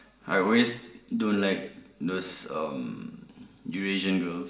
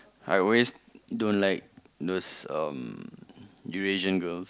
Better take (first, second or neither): second